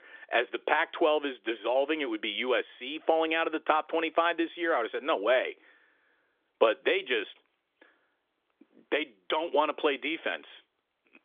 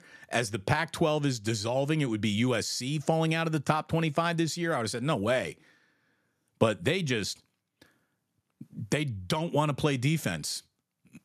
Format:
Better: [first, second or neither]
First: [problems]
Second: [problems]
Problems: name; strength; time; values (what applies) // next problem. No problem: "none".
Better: second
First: phone-call audio; nothing above 3.5 kHz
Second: none